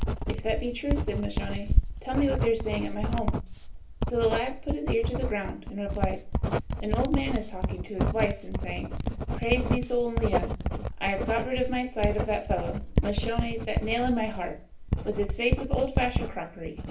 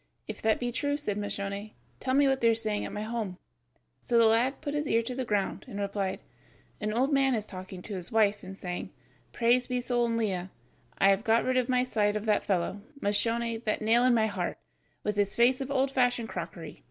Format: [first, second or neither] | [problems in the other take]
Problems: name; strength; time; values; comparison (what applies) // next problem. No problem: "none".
second | background sound (Writing); 1 dB above the speech // room echo; dies away in 0.3 s